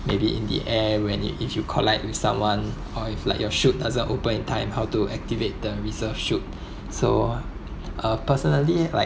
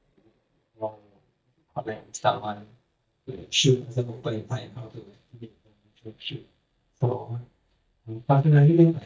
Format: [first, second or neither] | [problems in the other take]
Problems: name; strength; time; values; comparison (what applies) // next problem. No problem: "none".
first | noise reduction (neural mask model DeepFilterNet 3)